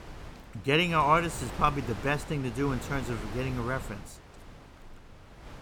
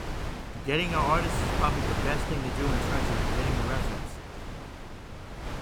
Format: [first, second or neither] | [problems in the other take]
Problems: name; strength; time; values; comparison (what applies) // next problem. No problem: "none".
first | wind noise on the microphone; heavy; 3 dB below the speech; occasional gusts in the first